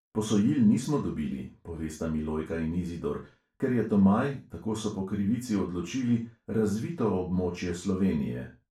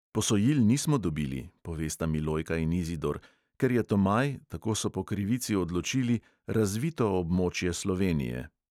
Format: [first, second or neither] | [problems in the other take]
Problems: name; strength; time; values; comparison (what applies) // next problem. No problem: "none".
second | room echo; dies away in 0.3 s